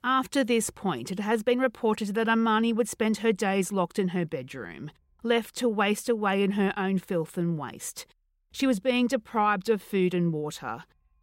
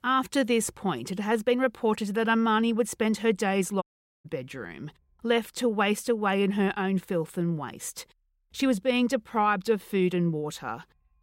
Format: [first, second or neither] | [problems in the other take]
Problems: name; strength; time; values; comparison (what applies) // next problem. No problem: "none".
first | audio cutting out; at 4 s